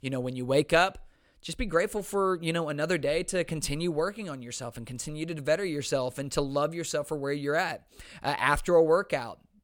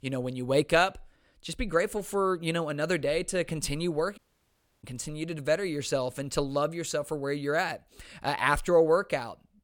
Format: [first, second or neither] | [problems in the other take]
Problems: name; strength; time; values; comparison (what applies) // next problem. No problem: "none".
first | audio cutting out; at 4 s for 0.5 s